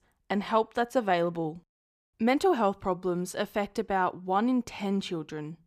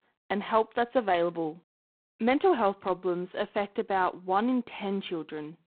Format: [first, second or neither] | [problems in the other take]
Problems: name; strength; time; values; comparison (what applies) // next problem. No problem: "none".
first | phone-call audio; poor line; nothing above 3.5 kHz